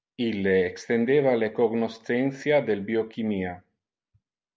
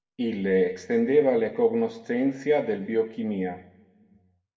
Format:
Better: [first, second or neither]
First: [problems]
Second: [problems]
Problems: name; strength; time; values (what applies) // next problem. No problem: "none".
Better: first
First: none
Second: room echo; dies away in 1 s